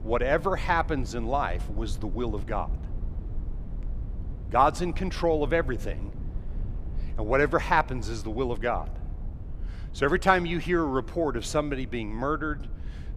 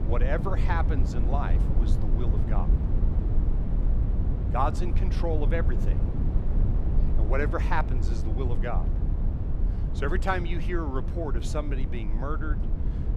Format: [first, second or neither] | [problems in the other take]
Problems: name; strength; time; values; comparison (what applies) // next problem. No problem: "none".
first | low rumble; loud; throughout; 9 dB below the speech; faint in the first